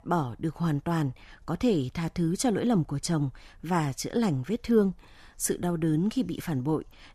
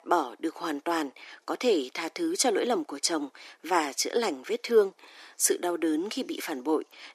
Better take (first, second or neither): first